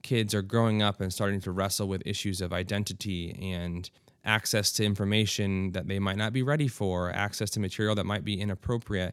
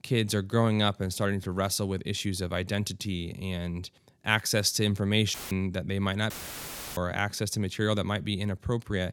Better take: first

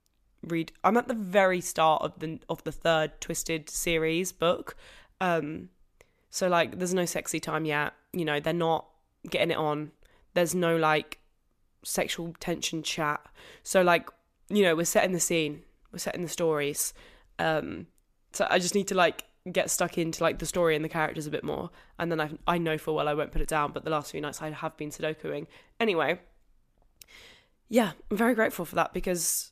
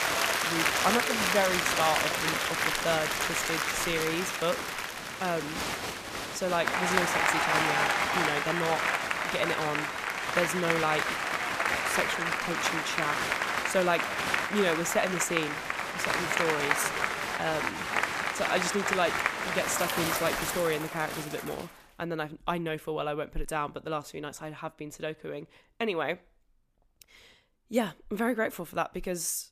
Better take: first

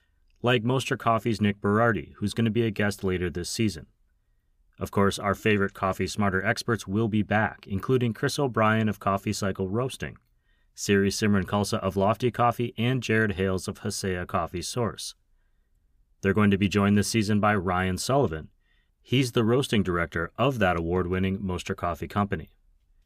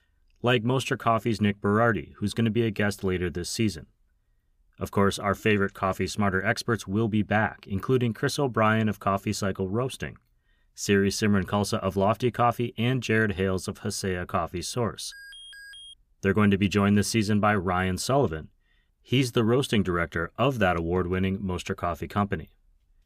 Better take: first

